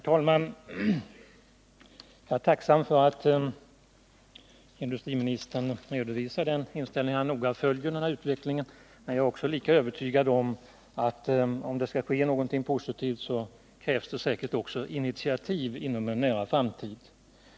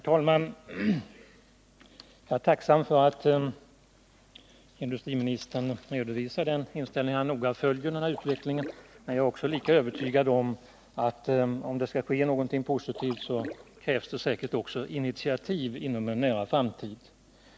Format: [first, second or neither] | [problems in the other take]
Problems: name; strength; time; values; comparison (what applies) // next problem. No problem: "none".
first | background sound (Splash, splatter); 15 dB below the speech